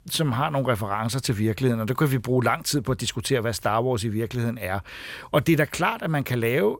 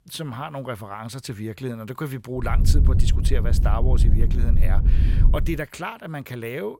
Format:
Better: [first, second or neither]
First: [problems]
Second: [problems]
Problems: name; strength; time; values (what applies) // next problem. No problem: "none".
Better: first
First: none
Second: low rumble; loud; from 2.5 to 5.5 s; 6 dB below the speech